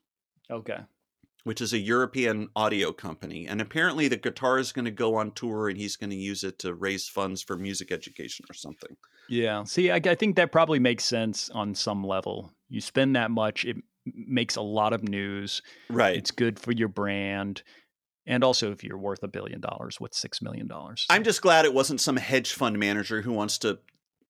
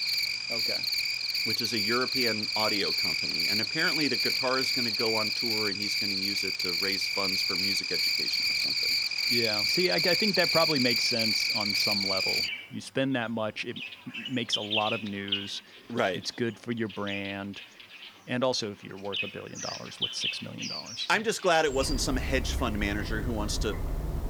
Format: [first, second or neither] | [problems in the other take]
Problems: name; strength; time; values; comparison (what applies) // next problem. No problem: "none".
first | animal sounds; very loud; throughout; 5 dB above the speech